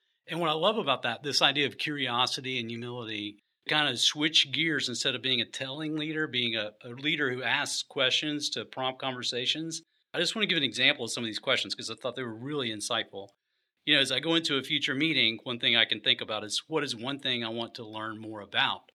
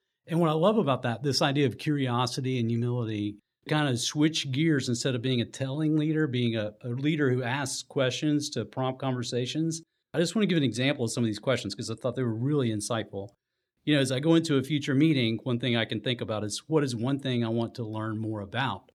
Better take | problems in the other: second | thin; somewhat; fading below 850 Hz

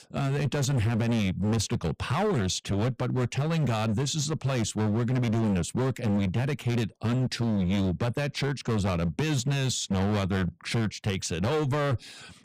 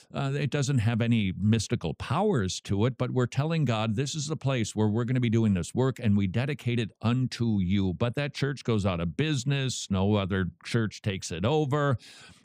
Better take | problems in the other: second | distortion; heavy; 23% of the sound clipped

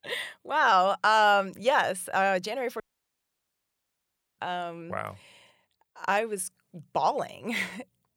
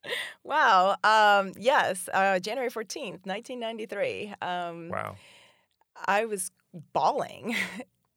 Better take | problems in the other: second | audio cutting out; at 3 s for 1.5 s

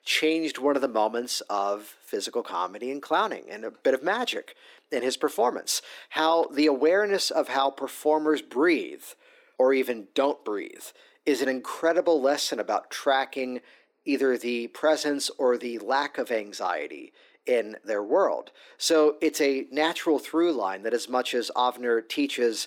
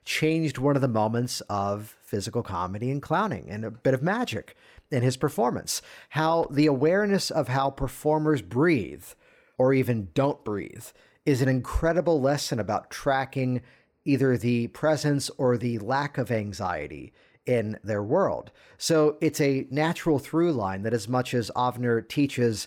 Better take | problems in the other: second | thin; somewhat; fading below 300 Hz

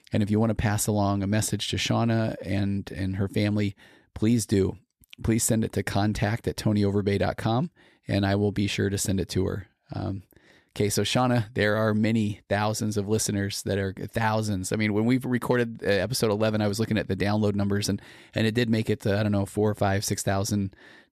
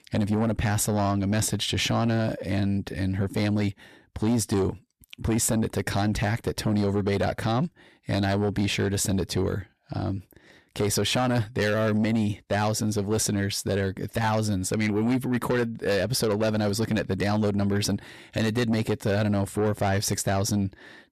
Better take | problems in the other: first | distortion; slight; 10 dB below the speech

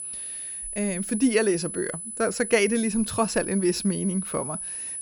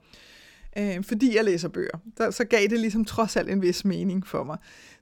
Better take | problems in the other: second | high-pitched whine; loud; throughout; 10 kHz, 6 dB below the speech

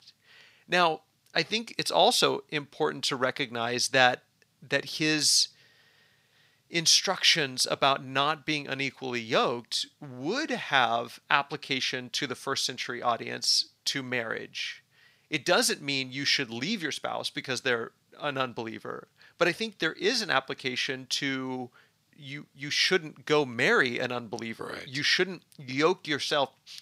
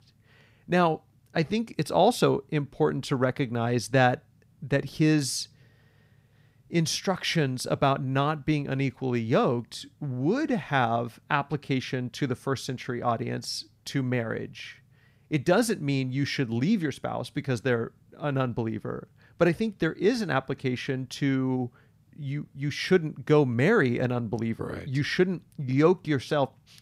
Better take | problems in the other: second | thin; somewhat; fading below 800 Hz

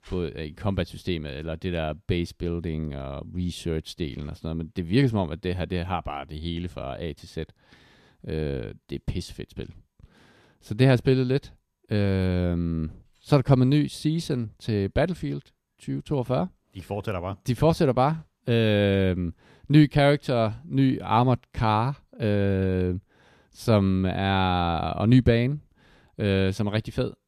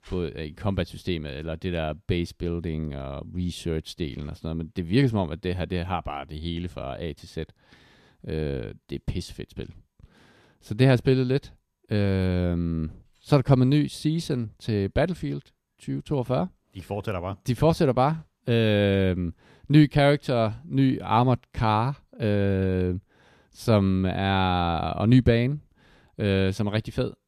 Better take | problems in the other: neither | none

